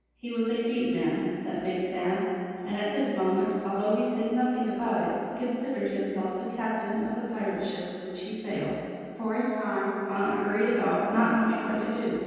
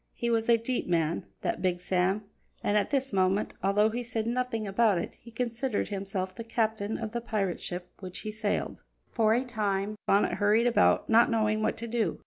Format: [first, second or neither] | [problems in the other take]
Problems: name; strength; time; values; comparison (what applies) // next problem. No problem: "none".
second | room echo; dies away in 2.1 s